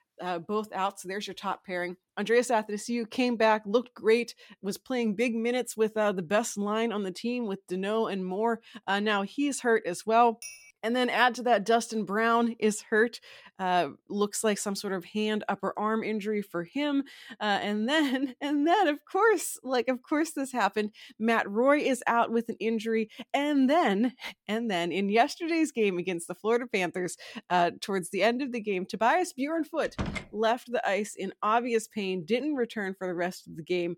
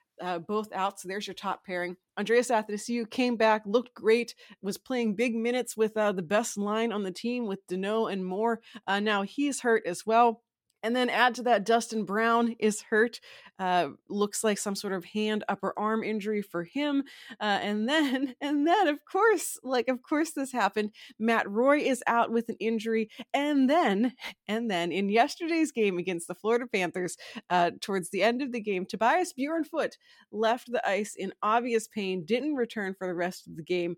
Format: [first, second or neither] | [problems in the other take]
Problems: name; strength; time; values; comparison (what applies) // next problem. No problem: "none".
second | clattering dishes; faint; at 10 s; peak 15 dB below the speech // door banging; noticeable; at 30 s; peak 7 dB below the speech